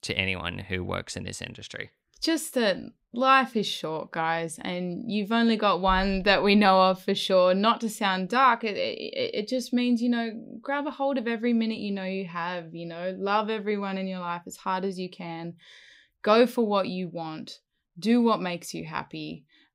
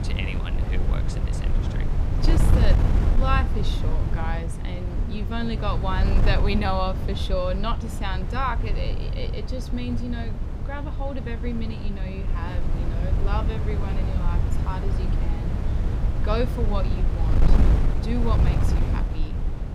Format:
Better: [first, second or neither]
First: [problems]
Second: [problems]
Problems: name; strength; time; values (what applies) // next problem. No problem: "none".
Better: first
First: none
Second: wind noise on the microphone; heavy; 5 dB below the speech